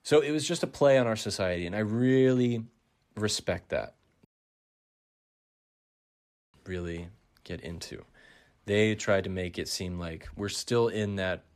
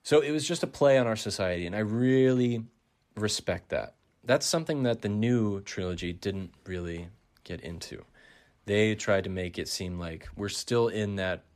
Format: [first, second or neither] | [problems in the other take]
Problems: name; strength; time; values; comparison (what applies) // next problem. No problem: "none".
second | audio cutting out; at 4.5 s for 2.5 s